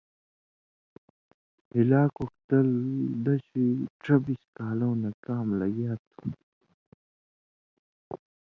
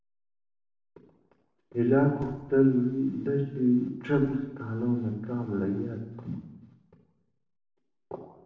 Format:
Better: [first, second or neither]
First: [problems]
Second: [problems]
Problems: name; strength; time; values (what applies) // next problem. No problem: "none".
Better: first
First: none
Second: room echo; dies away in 0.9 s